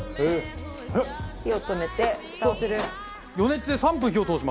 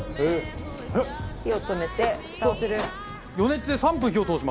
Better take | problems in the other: first | background sound (Thunder / Rain); 16 dB below the speech

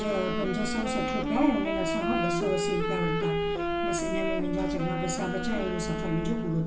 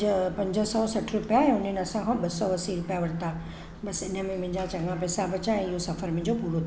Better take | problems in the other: second | background sound (Wind instrument, woodwind instrument); 1 dB below the speech // room echo; dies away in 0.2 s

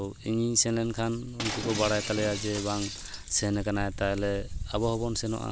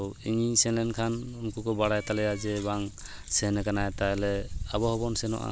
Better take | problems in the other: second | background sound (Shatter); 10 dB below the speech

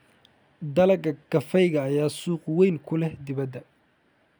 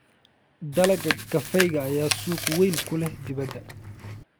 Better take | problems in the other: first | background sound (Chewing, mastication); 5 dB below the speech

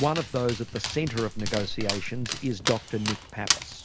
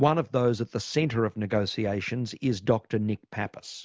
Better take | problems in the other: second | background sound (Dog); 3 dB below the speech

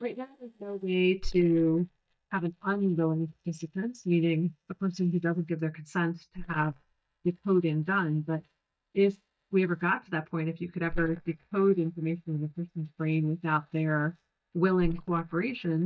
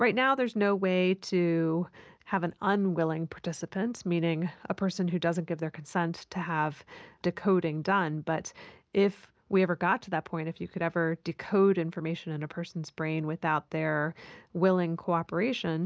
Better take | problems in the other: second | noise reduction (neural mask model DeepFilterNet 3)

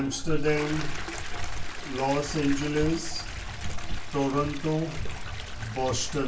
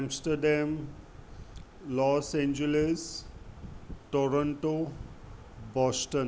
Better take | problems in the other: second | background sound (Toilet flush); 12 dB below the speech // room echo; dies away in 0.2 s

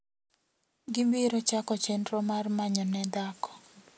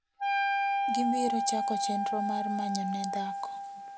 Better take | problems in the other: first | background sound (Wind instrument, woodwind instrument); 4 dB above the speech

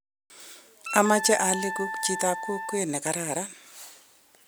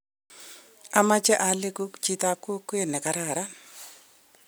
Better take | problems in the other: second | background sound (Wind instrument, woodwind instrument); 6 dB below the speech

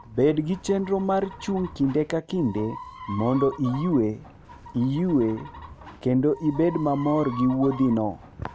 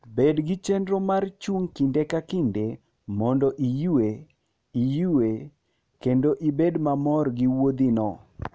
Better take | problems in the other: second | background sound (Chicken, rooster); 16 dB below the speech

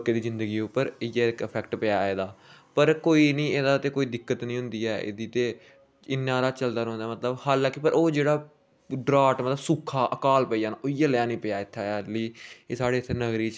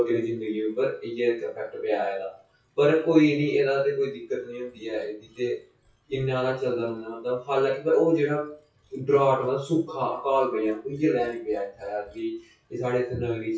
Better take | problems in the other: first | noise reduction (classical method WPE with log-MMSE)

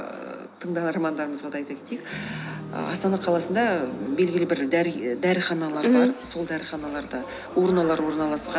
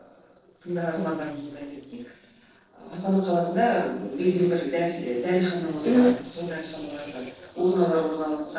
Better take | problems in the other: first | noise reduction (neural separator model SepFormer DNS4)

